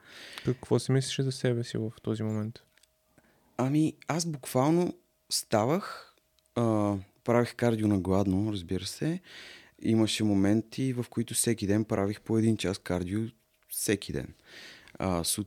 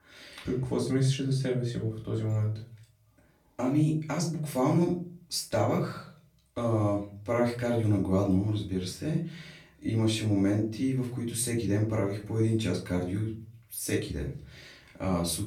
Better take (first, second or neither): first